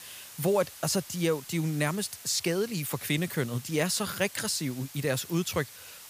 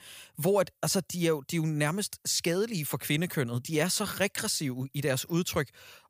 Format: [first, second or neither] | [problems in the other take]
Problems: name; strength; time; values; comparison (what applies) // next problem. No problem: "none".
second | hiss; noticeable; throughout; 15 dB below the speech